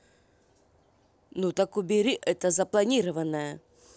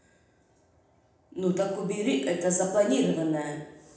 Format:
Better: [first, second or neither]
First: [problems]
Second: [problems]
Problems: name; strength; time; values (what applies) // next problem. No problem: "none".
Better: first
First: none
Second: room echo; dies away in 0.9 s